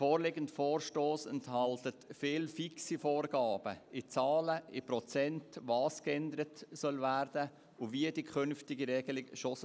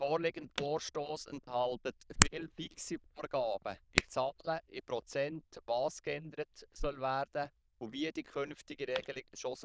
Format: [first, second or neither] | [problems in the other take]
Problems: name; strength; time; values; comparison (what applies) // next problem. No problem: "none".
first | noise reduction (neural diffusion model UNIVERSE++)